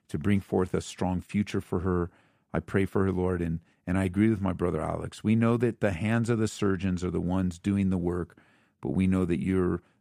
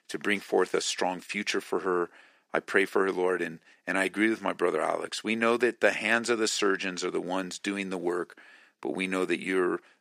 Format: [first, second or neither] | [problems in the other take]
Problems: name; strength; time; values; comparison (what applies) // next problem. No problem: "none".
first | thin; very; fading below 350 Hz